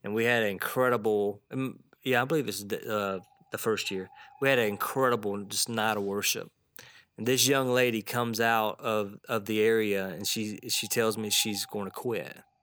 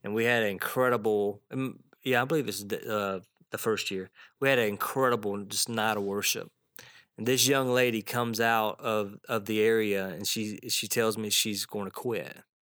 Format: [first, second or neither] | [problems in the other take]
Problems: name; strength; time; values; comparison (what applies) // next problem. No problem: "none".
second | animal sounds; faint; throughout; 30 dB below the speech